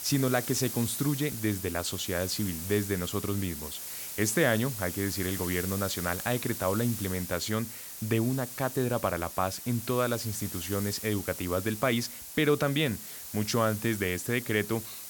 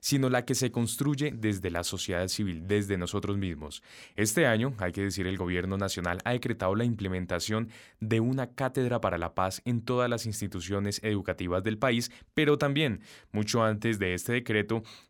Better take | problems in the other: second | hiss; loud; throughout; 7 dB below the speech

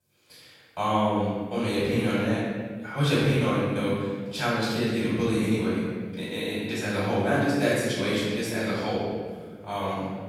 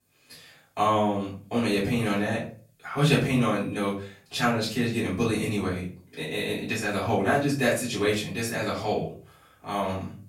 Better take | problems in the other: second | room echo; strong; dies away in 1.6 s; slight in the second // off-mic speech; far; far in the second

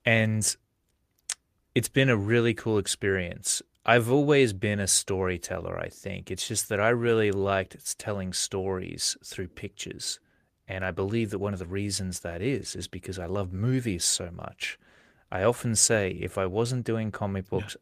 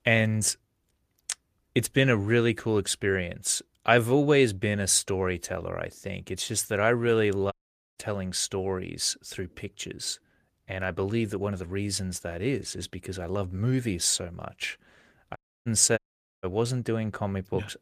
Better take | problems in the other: first | audio cutting out; at 7.5 s, at 15 s and at 16 s

